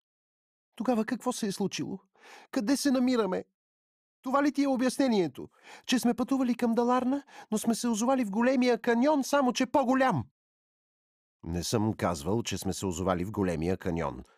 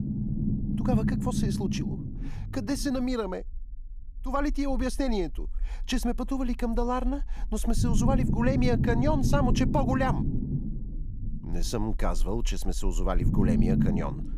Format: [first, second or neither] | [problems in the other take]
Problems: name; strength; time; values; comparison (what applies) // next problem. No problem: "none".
first | low rumble; loud; throughout; 4 dB below the speech